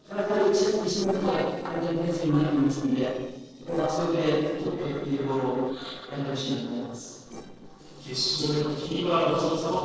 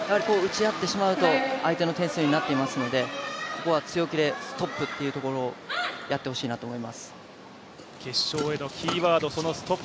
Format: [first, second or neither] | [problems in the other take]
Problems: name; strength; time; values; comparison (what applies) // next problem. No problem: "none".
second | noise reduction (neural separator model SepFormer DNS4)